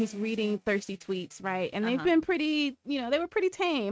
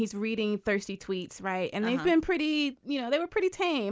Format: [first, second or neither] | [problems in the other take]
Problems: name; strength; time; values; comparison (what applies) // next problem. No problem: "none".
second | noise reduction (neural mask model RNNoise)